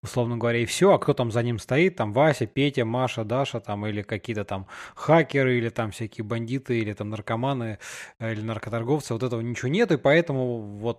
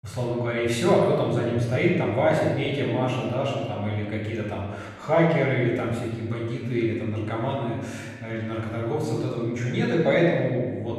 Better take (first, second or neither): first